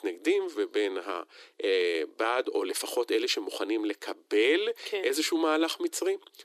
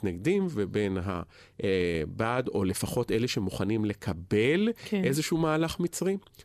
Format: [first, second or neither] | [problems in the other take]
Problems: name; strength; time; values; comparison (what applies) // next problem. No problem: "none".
second | thin; very; fading below 300 Hz